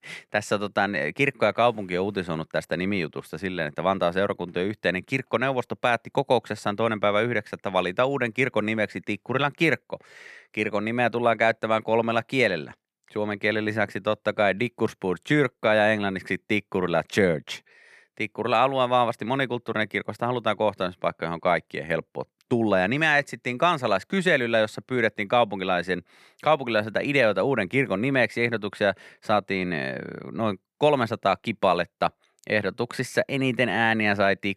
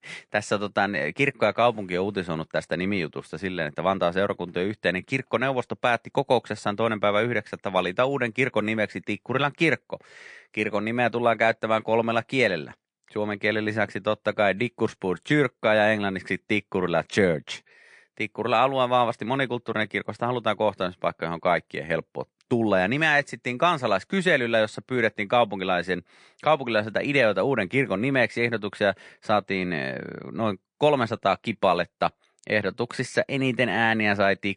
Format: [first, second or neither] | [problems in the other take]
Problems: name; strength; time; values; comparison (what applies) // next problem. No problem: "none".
first | garbled, watery; slightly